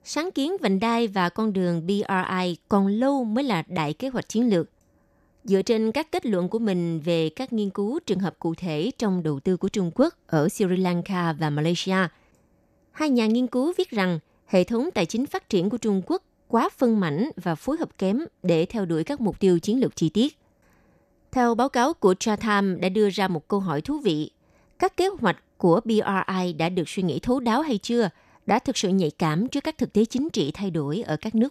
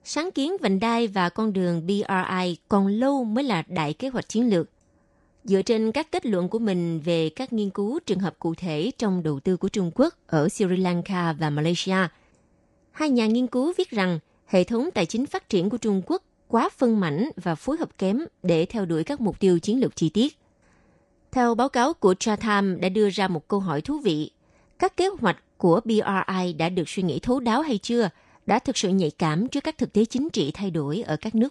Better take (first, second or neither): first